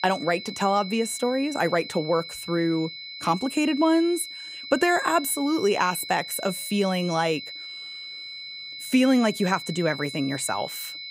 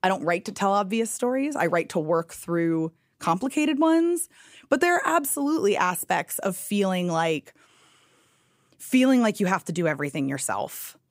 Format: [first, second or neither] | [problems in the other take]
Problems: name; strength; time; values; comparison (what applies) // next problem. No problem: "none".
second | high-pitched whine; noticeable; throughout; 4 kHz, 10 dB below the speech